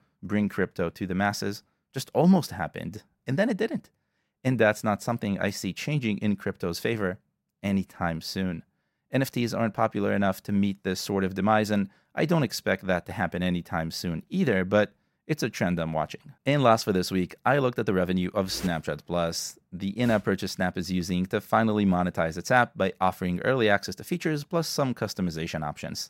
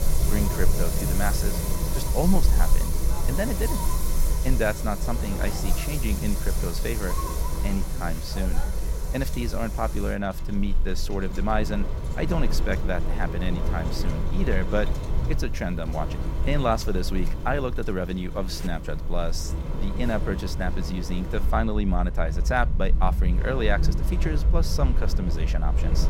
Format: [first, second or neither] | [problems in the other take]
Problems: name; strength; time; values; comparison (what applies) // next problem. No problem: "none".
first | wind in the background; very loud; throughout; 2 dB above the speech